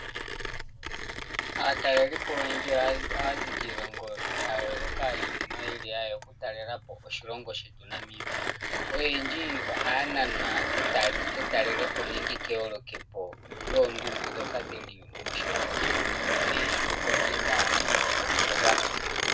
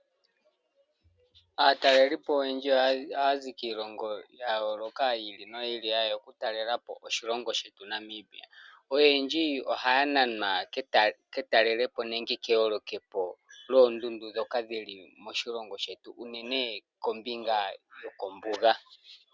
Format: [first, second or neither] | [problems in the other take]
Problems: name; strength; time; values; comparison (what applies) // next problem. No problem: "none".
second | background sound (Mechanisms); 2 dB above the speech // room echo; dies away in 0.3 s